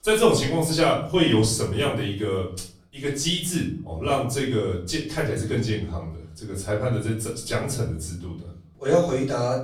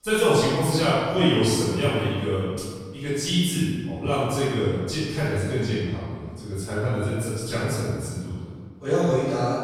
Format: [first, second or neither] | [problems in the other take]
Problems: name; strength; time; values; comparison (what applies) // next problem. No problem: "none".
first | room echo; strong; dies away in 1.6 s; slight in the first // off-mic speech; far; far in the first